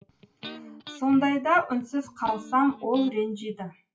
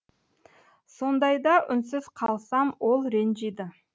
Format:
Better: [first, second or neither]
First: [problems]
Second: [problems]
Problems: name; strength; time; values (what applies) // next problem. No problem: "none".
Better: second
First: noise reduction (classical method WPE with log-MMSE)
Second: none